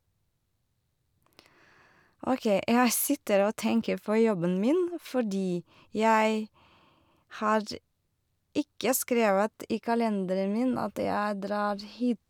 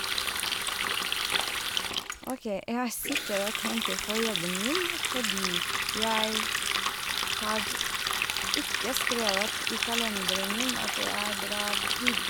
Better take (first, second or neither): first